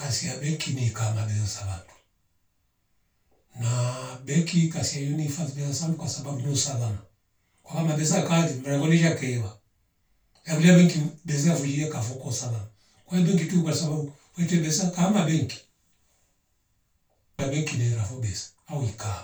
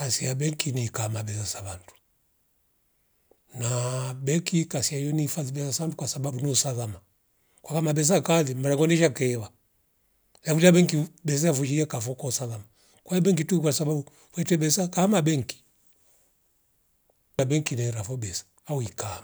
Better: second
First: room echo; dies away in 0.2 s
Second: none

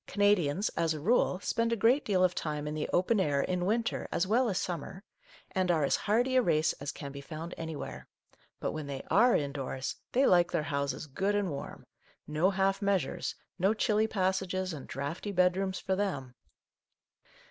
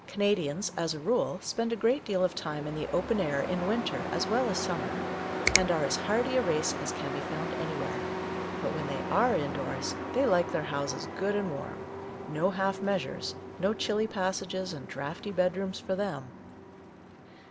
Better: first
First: none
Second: background sound (Finger snapping + Truck); 5 dB below the speech

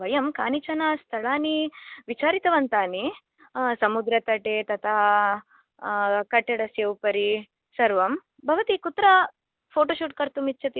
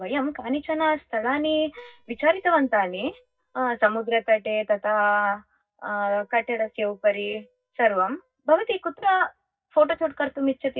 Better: first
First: none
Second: noise reduction (neural mask model DeepFilterNet 3)

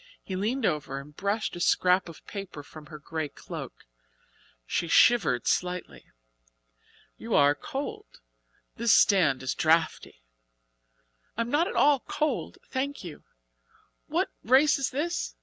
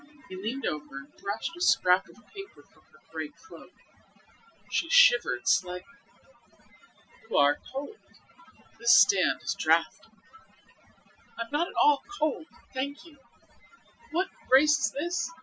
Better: first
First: none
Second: noise reduction (classical method Wiener filter)

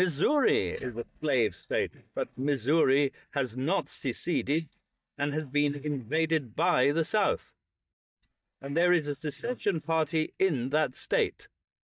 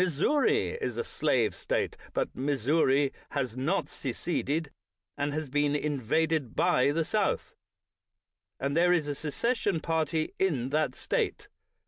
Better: second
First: noise reduction (neural mask model DeepFilterNet 3)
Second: none

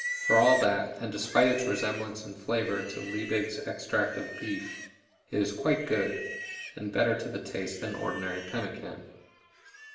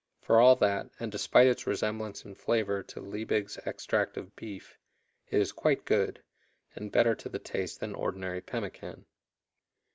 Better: second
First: background sound (Livestock, farm animals, working animals); 9 dB below the speech // room echo; dies away in 0.9 s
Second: none

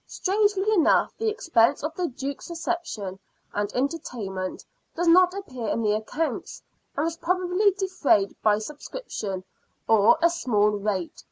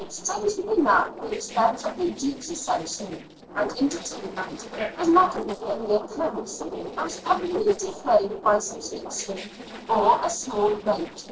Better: first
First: none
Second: noise reduction (neural separator model SepFormer DNS4)

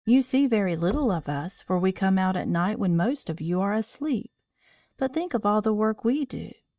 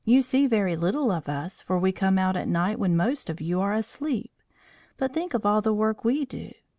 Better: second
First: noise reduction (neural mask model DeepFilterNet 3)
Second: none

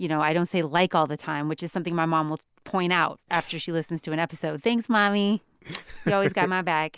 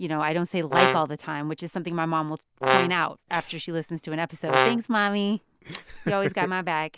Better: first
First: none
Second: background sound (Brass instrument); 2 dB above the speech

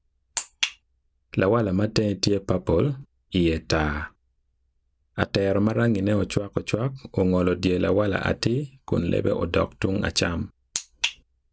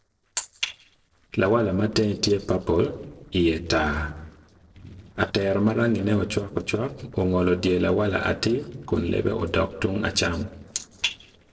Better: first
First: none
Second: noise reduction (neural separator model SepFormer DNS4)

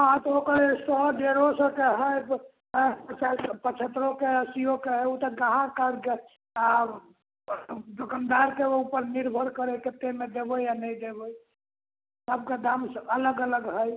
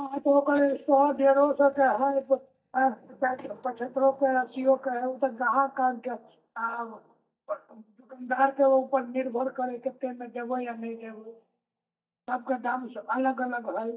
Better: first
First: none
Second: noise reduction (neural mask model DeepFilterNet 3)

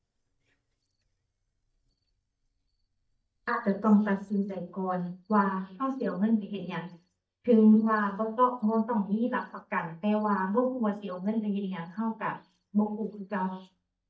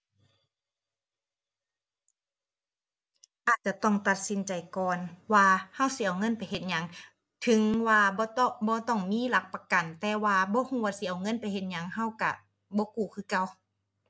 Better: second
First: noise reduction (neural mask model DeepFilterNet 3)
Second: none

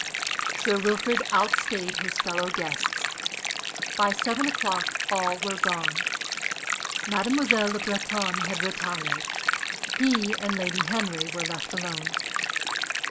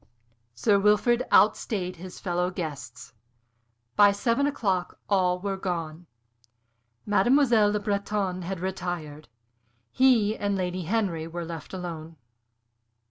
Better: second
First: background sound (Stream); 1 dB above the speech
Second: none

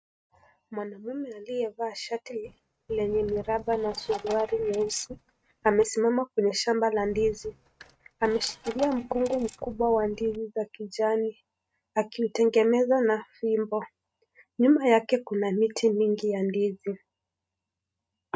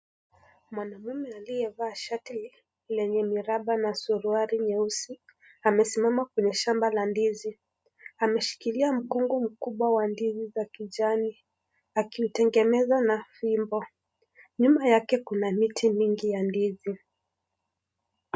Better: second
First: noise reduction (neural mask model RNNoise)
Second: none

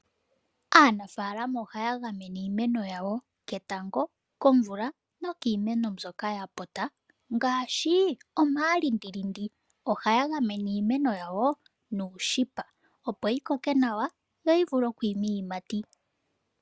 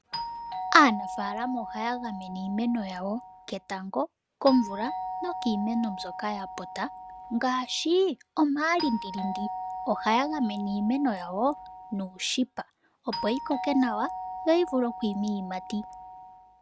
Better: first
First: none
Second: background sound (Doorbell); 9 dB below the speech

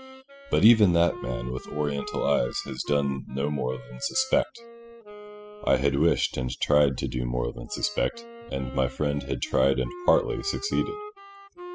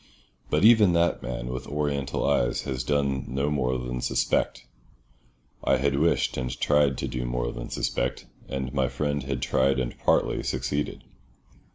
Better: second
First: noise reduction (classical method spectral subtraction)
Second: none

